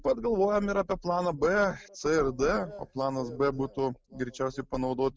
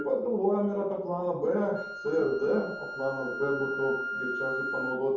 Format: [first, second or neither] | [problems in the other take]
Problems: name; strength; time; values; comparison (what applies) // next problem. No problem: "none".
first | background sound (Wind instrument, woodwind instrument); 8 dB below the speech // room echo; dies away in 0.7 s